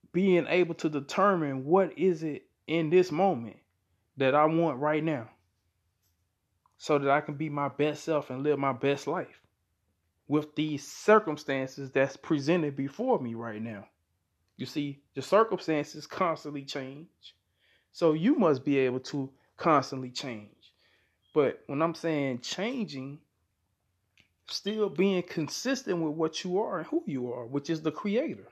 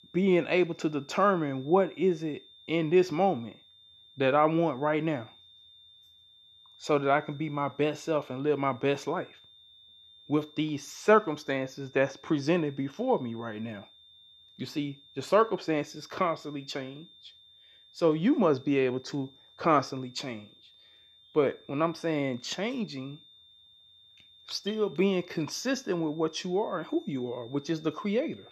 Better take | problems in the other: first | high-pitched whine; faint; throughout; 3.5 kHz, 25 dB below the speech

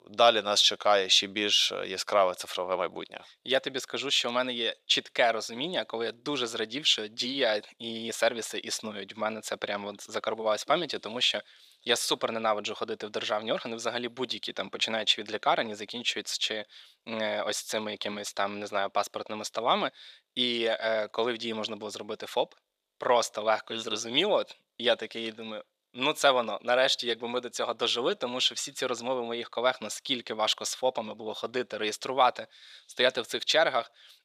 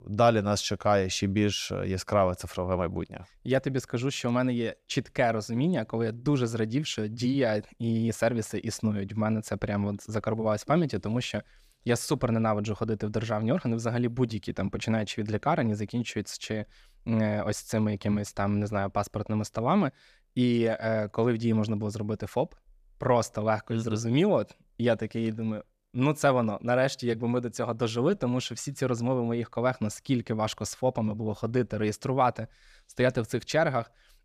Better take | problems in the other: second | thin; somewhat; fading below 500 Hz

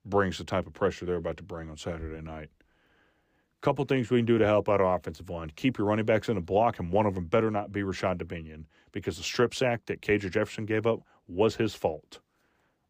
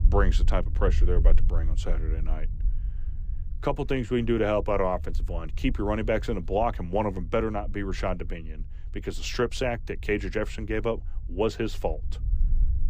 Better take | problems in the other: first | low rumble; faint; throughout; 25 dB below the speech

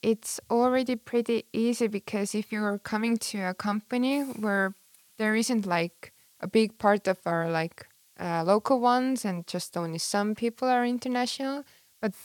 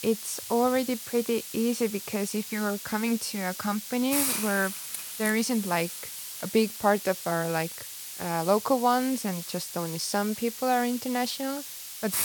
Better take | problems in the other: first | hiss; loud; throughout; 6 dB below the speech; faint in the first

